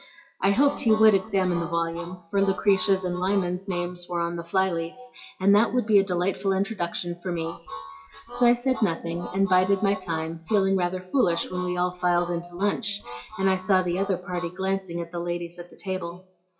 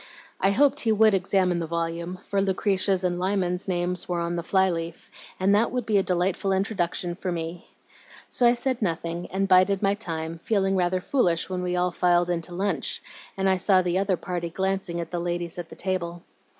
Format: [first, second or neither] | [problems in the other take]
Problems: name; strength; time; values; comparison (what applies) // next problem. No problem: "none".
second | noise reduction (classical method WPE with log-MMSE)